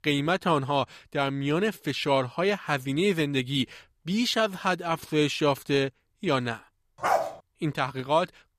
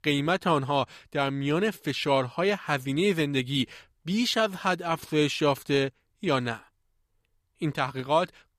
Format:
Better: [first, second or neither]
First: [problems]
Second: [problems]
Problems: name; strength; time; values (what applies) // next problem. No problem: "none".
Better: second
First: dog barking; loud; at 7 s; peak 1 dB above the speech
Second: none